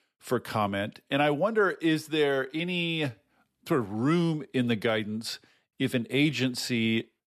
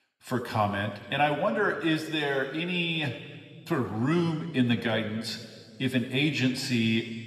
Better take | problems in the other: first | room echo; slight; dies away in 2.1 s

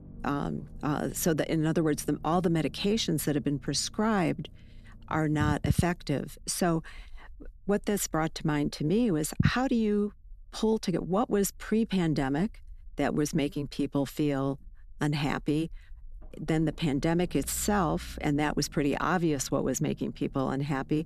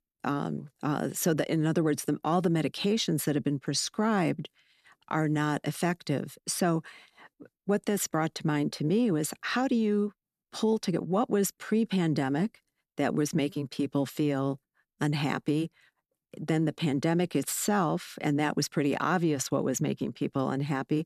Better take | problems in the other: second | low rumble; noticeable; throughout; 20 dB below the speech

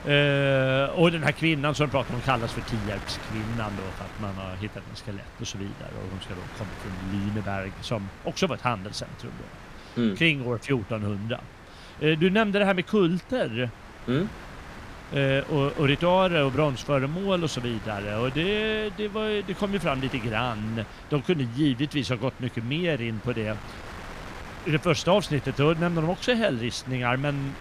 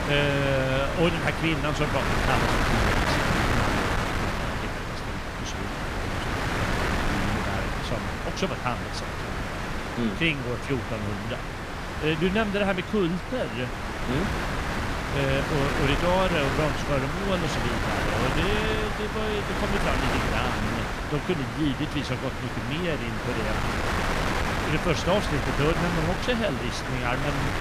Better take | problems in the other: first | wind noise on the microphone; heavy; 1 dB above the speech; occasional gusts in the first

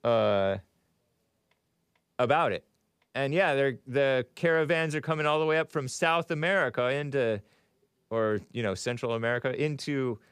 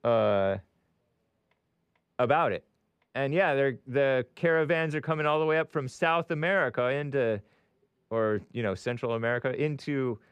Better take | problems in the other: first | muffled; slightly; fading above 3.5 kHz

